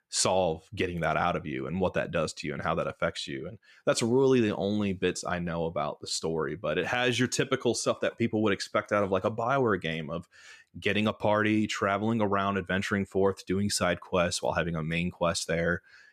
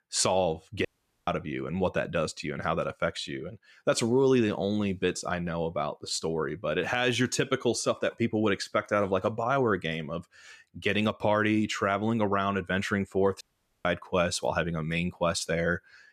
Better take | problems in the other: first | audio cutting out; at 1 s and at 13 s

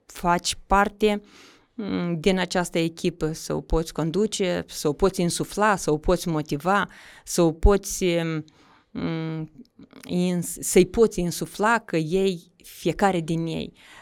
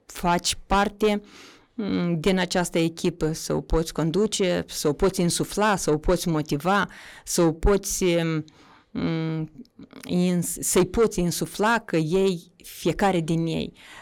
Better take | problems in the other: first | distortion; slight; 10 dB below the speech

